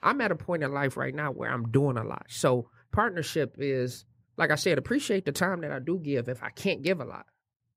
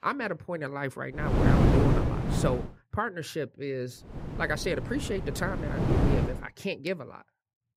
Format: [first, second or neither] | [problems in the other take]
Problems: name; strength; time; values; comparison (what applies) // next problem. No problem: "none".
first | wind noise on the microphone; heavy; from 1.5 to 2.5 s and from 4 to 6.5 s; as loud as the speech